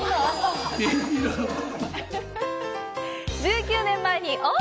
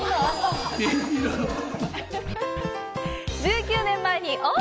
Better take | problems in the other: first | background sound (Scratching (performance technique)); 11 dB below the speech

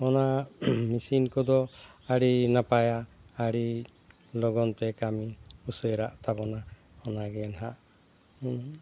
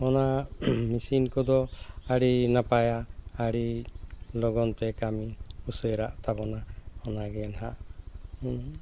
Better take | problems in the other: first | background sound (Aircraft); 12 dB below the speech

